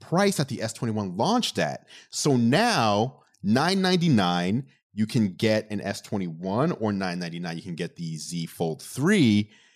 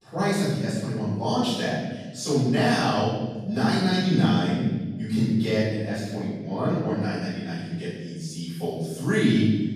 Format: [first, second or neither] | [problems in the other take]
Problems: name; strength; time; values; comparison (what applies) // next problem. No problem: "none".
first | off-mic speech; far // room echo; strong; dies away in 1.5 s